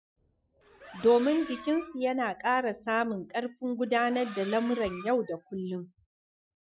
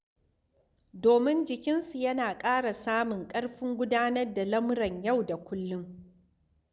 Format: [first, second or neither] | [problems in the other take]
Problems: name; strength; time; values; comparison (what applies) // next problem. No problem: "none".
second | noise reduction (classical method Wiener filter)